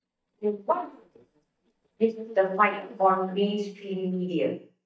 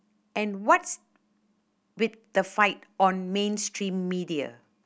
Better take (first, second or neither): second